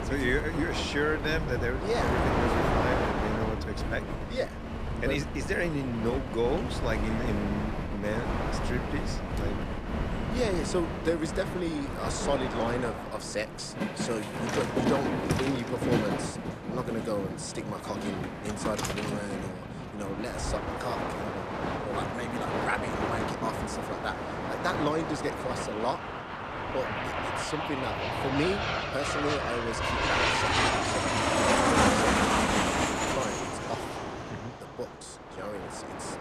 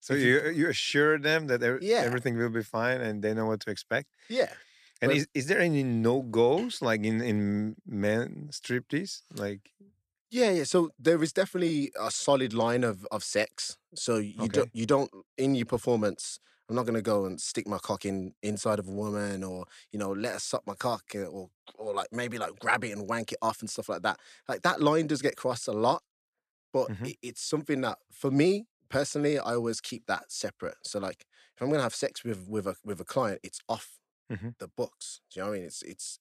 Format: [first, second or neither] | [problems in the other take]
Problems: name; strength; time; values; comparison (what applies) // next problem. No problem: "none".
second | train or aircraft noise; very loud; throughout; 3 dB above the speech